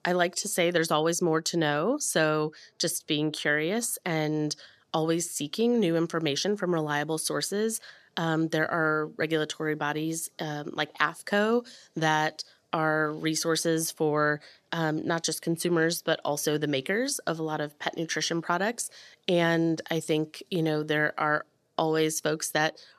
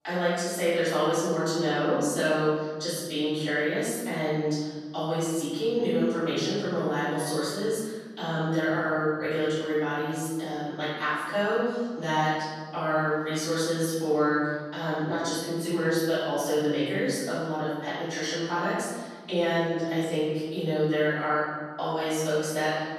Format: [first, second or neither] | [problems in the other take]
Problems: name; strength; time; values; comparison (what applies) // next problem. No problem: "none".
first | off-mic speech; far // room echo; strong; dies away in 1.4 s